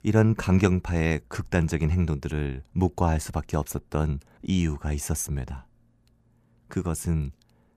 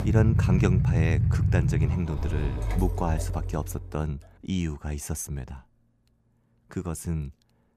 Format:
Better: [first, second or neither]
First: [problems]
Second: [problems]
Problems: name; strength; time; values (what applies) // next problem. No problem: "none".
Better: first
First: none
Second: traffic noise; very loud; until 3.5 s; 4 dB above the speech